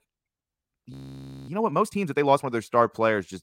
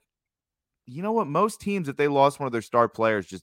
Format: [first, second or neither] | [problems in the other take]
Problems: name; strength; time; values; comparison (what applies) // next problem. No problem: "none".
second | audio freezing; at 1 s for 0.5 s